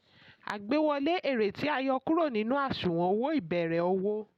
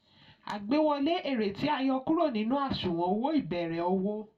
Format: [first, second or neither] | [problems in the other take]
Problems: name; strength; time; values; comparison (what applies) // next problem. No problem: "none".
first | room echo; dies away in 0.2 s